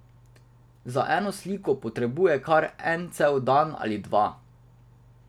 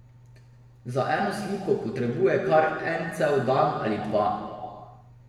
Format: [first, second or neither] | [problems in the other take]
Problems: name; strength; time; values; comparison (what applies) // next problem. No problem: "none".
first | room echo; dies away in 1.6 s